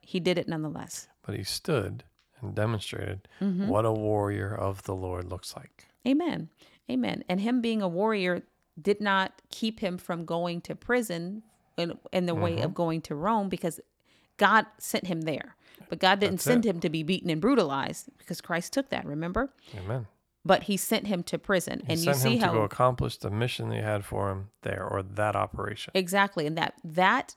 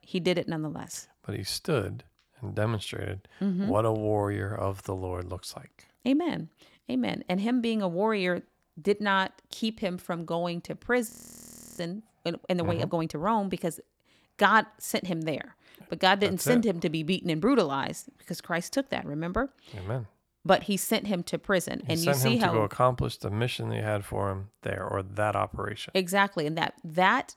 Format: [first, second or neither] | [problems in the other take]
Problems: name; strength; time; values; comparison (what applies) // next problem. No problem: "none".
first | audio freezing; at 11 s for 0.5 s